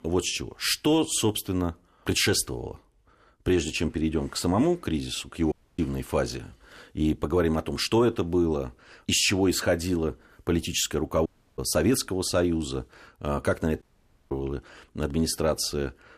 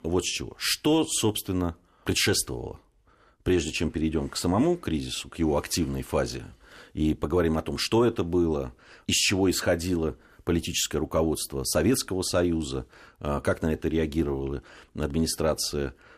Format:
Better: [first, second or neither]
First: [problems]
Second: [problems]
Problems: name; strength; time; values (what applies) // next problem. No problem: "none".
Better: second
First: audio cutting out; at 5.5 s, at 11 s and at 14 s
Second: none